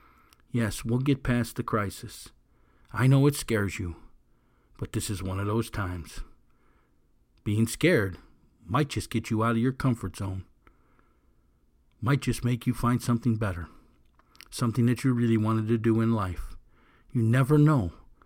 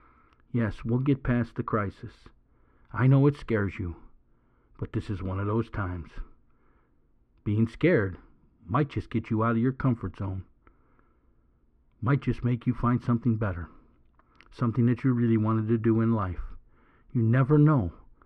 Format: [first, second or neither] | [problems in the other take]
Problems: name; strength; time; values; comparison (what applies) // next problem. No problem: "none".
first | muffled; very; fading above 2 kHz